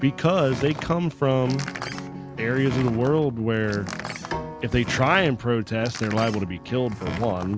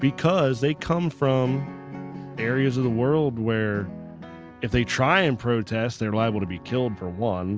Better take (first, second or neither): second